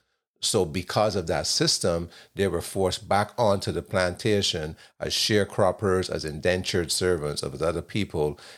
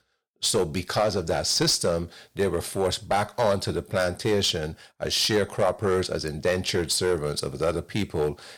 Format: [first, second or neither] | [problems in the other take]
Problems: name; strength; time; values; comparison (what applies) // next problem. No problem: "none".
first | distortion; slight; 4% of the sound clipped